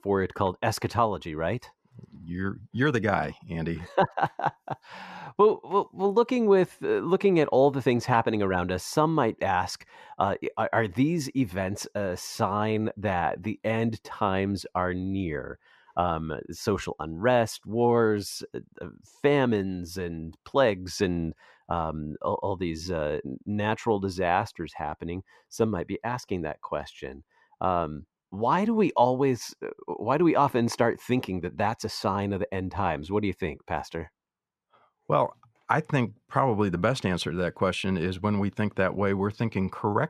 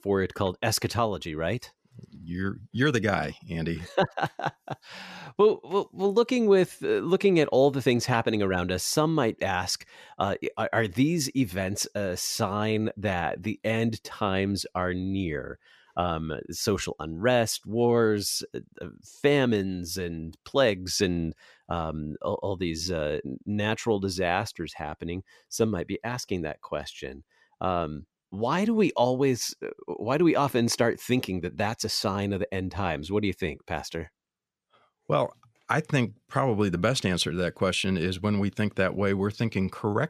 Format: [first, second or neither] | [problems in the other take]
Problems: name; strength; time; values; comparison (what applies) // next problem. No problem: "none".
second | muffled; slightly; fading above 3 kHz